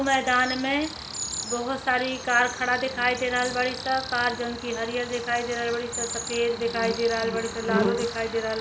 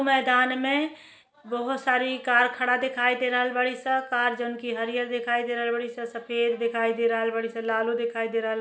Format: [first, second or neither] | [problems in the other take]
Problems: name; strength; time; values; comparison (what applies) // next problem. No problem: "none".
second | background sound (Cricket); 7 dB below the speech